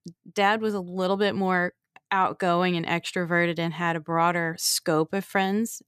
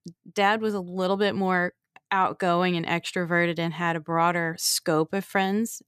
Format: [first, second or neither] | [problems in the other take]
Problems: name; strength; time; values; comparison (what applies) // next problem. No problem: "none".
neither | none